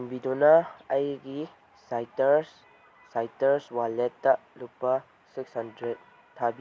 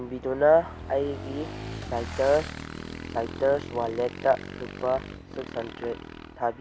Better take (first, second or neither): first